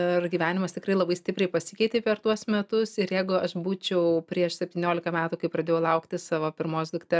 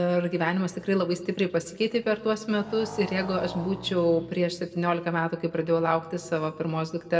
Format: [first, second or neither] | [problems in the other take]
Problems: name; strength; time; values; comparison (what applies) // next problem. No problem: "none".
first | background sound (Motorcycle); 18 dB below the speech // room echo; dies away in 0.7 s